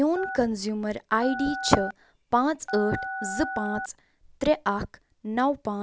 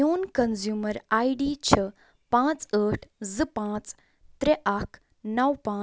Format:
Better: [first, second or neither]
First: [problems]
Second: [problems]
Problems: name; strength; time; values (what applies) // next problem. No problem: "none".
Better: second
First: background sound (Telephone); 8 dB below the speech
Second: none